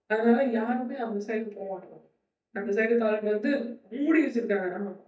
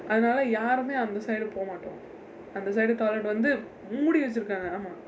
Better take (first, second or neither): second